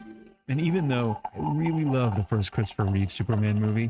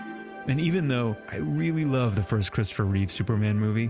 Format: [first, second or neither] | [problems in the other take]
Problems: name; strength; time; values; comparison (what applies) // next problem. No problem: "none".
second | noise reduction (neural mask model RNNoise)